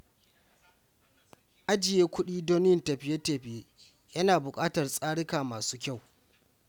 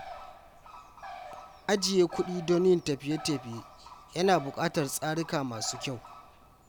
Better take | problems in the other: first | background sound (Bird); 16 dB below the speech

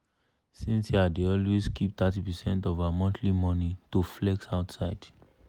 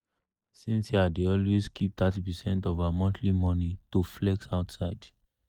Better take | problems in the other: first | noise reduction (neural mask model DeepFilterNet 3)

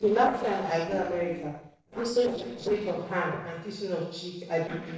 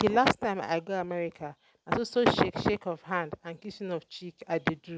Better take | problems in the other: second | noise reduction (neural separator model SepFormer DNS4)

